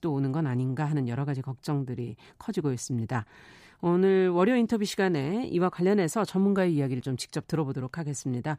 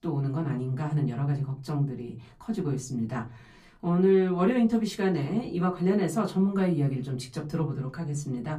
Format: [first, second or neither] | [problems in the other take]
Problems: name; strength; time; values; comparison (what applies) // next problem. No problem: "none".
first | off-mic speech; far // room echo; very slight; dies away in 0.3 s